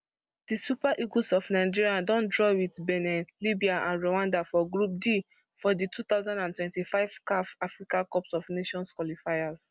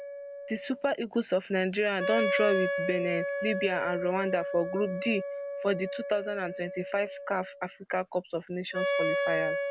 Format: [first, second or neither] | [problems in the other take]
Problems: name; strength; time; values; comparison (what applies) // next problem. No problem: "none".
first | background sound (Wind instrument, woodwind instrument); 3 dB below the speech